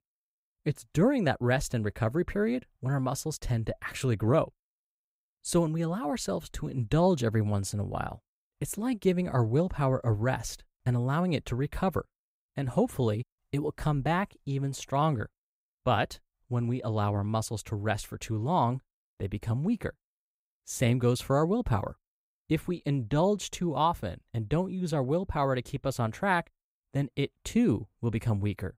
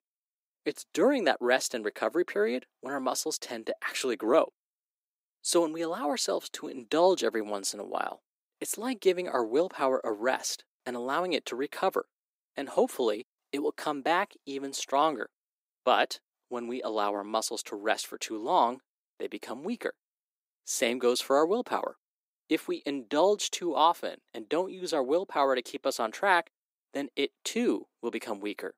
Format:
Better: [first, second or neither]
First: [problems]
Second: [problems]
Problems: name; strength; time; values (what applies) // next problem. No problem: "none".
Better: first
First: none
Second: thin; somewhat; fading below 300 Hz